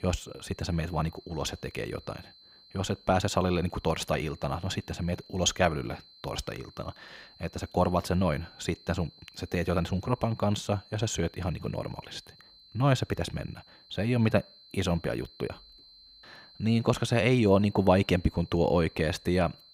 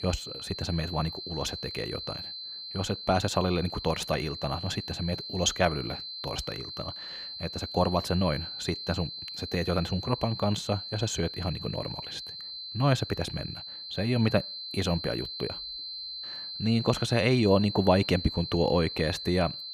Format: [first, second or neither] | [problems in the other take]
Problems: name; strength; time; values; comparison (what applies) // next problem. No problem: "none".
first | high-pitched whine; loud; throughout; 4 kHz, 7 dB below the speech; faint in the first